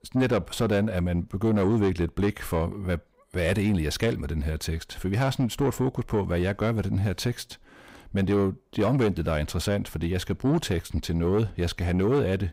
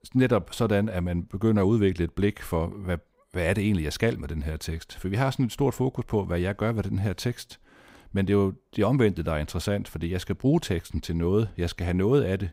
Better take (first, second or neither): second